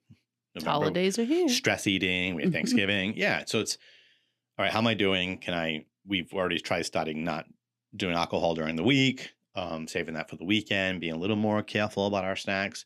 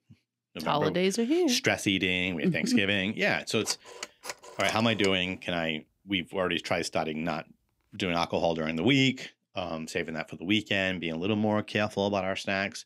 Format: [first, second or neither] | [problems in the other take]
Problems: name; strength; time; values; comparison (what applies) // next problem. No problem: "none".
first | phone ringing; faint; from 3.5 to 5 s; peak 10 dB below the speech